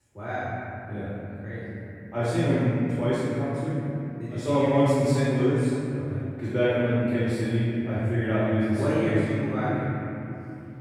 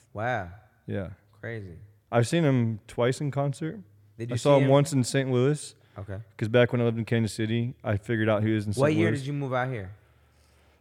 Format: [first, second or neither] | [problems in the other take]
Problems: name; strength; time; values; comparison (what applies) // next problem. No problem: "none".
second | off-mic speech; far // room echo; strong; dies away in 3 s